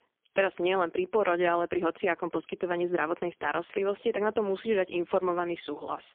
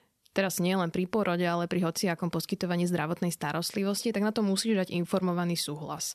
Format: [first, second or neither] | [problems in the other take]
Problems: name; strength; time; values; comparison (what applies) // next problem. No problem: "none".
second | phone-call audio; poor line